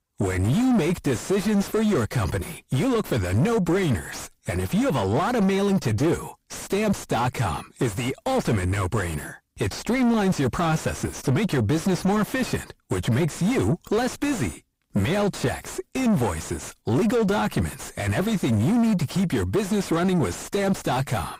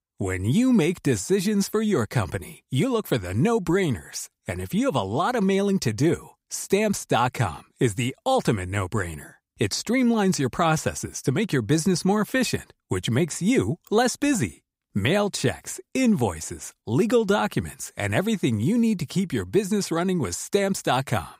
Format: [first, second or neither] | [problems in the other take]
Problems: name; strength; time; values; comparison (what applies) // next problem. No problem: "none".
second | distortion; heavy; 5 dB below the speech